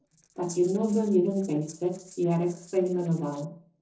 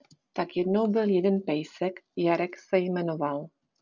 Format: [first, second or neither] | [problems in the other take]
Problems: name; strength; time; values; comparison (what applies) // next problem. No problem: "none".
second | noise reduction (neural separator model SepFormer DNS4)